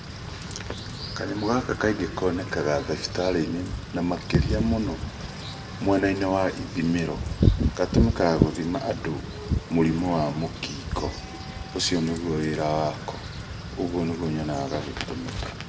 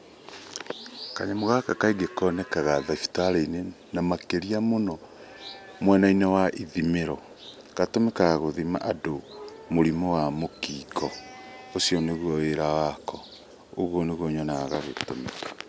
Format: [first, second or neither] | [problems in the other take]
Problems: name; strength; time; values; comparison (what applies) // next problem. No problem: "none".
second | background sound (Wind / Rain); 3 dB below the speech // room echo; dies away in 0.5 s